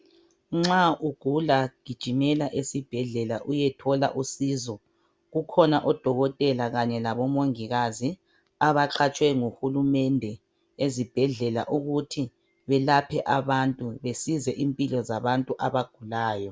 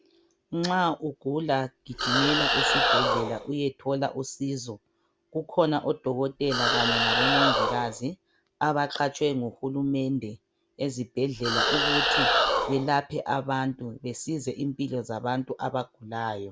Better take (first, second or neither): first